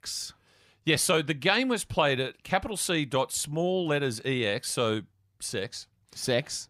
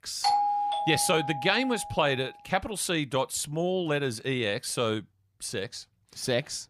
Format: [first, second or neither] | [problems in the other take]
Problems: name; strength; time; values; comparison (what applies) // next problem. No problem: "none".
first | doorbell; loud; until 2 s; peak 3 dB above the speech